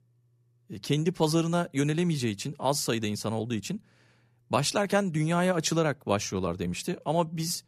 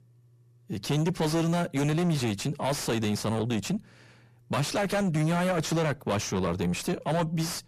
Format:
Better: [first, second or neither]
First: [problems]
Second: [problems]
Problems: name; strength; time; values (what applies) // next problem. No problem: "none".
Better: first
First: none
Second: distortion; heavy; 6 dB below the speech